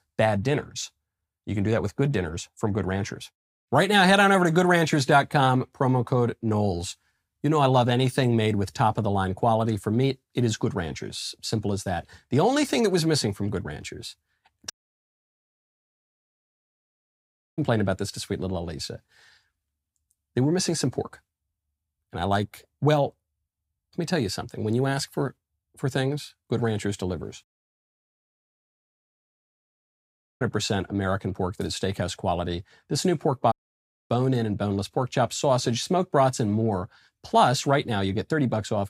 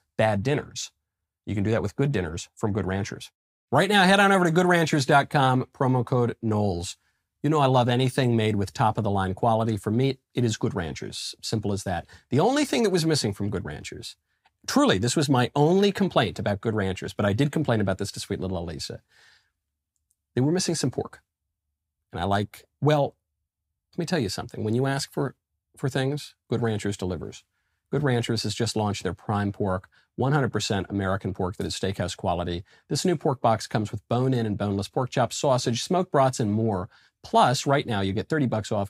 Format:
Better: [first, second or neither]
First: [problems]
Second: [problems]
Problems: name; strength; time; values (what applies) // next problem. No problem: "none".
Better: second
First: audio cutting out; at 15 s for 3 s, at 27 s for 3 s and at 34 s for 0.5 s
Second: none